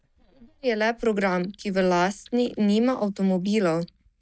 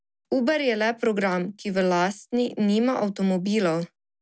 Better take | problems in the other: second | noise reduction (neural mask model DeepFilterNet 3)

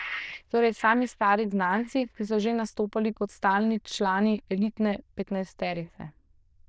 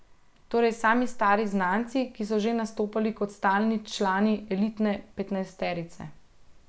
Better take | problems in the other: second | noise reduction (neural diffusion model UNIVERSE++)

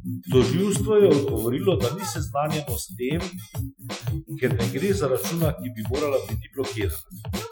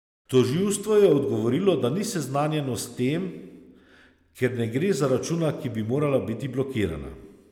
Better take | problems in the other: second | noise reduction (classical method Wiener filter)

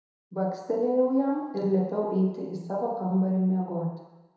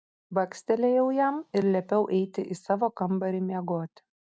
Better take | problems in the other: second | room echo; dies away in 1 s

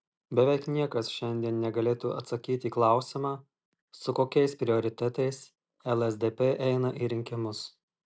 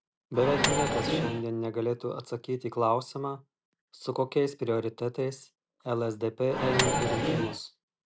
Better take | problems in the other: first | background sound (Microwave oven); 3 dB above the speech

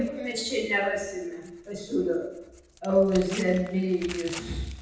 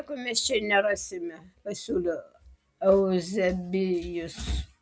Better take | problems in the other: second | background sound (Tearing); 17 dB below the speech // room echo; dies away in 0.8 s

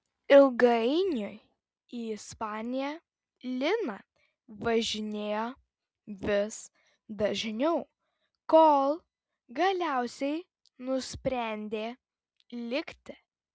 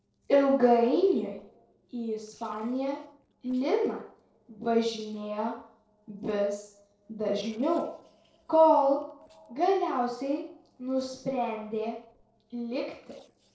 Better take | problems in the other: first | noise reduction (neural separator model SepFormer DNS4)

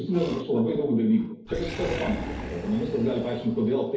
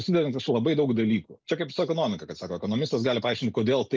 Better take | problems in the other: second | background sound (Animal); 12 dB below the speech // room echo; dies away in 2 s

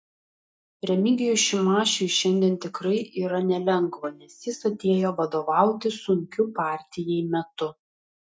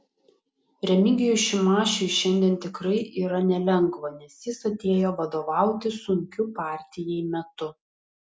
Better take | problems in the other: second | noise reduction (neural mask model DeepFilterNet 3)

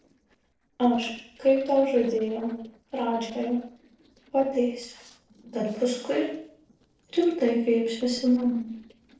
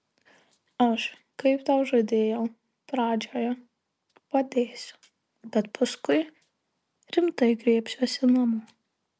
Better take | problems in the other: second | noise reduction (neural separator model SepFormer DNS4)

